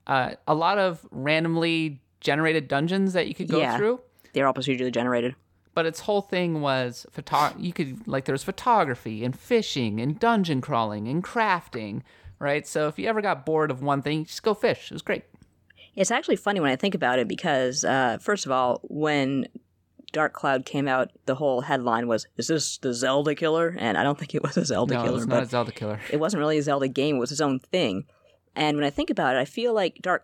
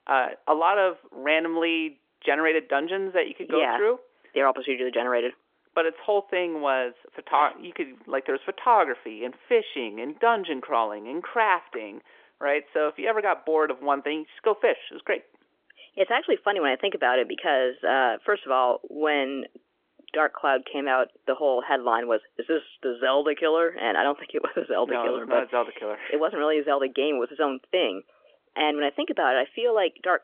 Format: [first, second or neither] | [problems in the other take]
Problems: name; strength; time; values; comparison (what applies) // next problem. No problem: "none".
first | phone-call audio; nothing above 3.5 kHz